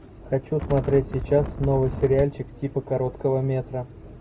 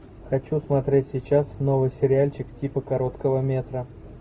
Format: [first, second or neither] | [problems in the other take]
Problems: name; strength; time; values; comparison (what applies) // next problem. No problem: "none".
second | background sound (Wind); 7 dB below the speech